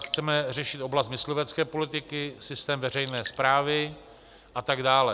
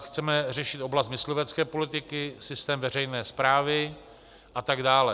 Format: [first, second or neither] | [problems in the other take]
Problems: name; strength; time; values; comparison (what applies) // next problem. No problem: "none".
second | background sound (Raindrop / Drip); 18 dB below the speech